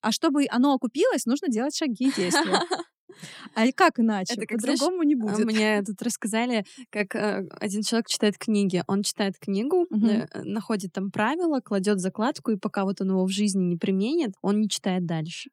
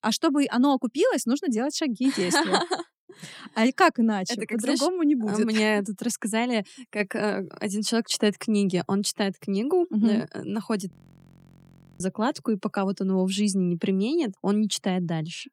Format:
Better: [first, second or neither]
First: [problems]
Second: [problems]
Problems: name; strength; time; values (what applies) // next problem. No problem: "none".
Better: first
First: none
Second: audio freezing; at 11 s for 1 s